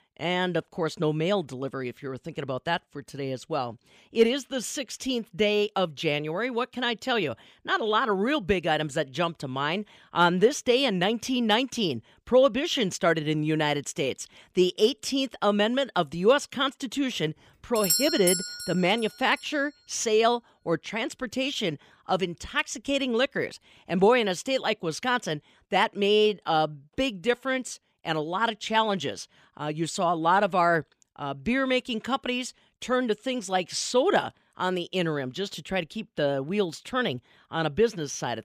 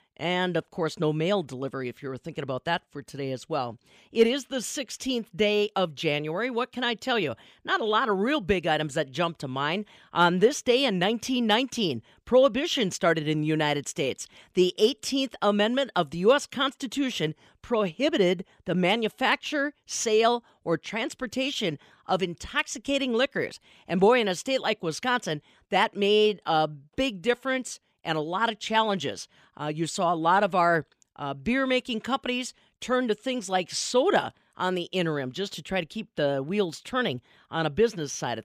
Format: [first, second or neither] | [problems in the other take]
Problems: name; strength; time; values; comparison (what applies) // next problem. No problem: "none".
second | doorbell; loud; at 18 s; peak 3 dB above the speech